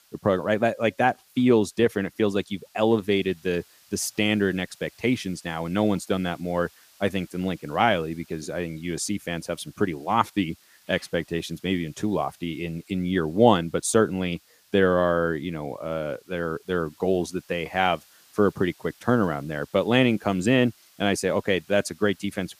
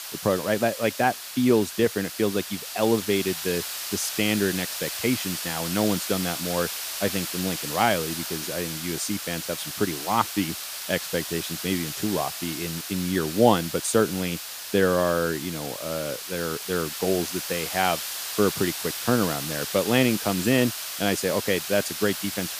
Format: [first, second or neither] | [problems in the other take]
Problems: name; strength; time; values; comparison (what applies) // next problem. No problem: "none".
first | hiss; loud; throughout; 5 dB below the speech; faint in the first